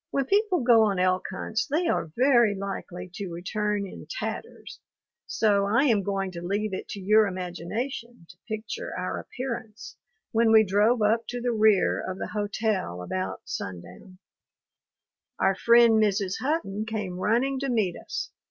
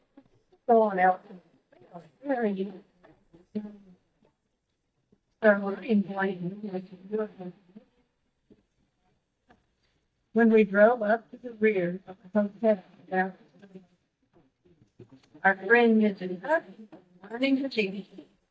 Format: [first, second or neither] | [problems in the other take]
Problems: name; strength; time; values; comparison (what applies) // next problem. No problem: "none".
first | noise reduction (neural mask model DeepFilterNet 3)